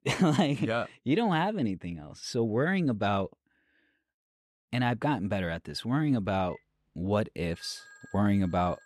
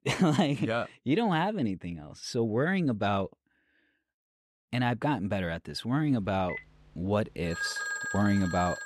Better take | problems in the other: first | alarms or sirens; loud; from 6 s on; 6 dB below the speech; faint in the first

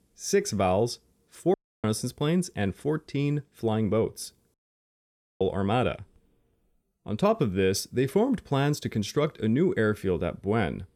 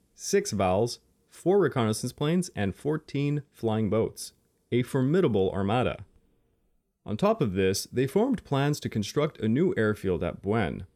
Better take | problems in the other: second | audio cutting out; at 1.5 s and at 4.5 s for 1 s

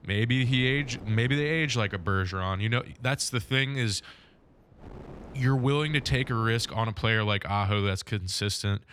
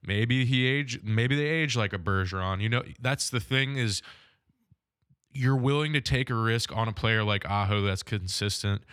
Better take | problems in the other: second | wind noise on the microphone; occasional gusts; until 6.5 s; 25 dB below the speech

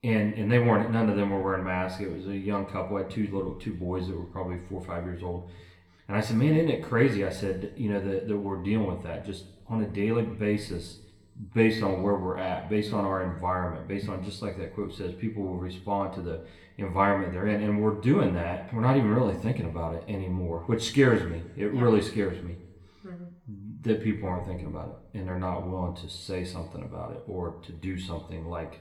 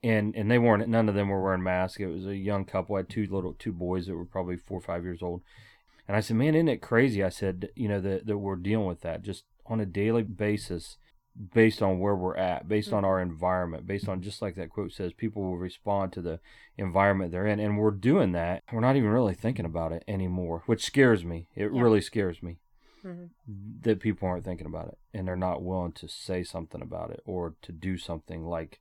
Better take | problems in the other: second | room echo; slight; dies away in 0.7 s // off-mic speech; somewhat distant

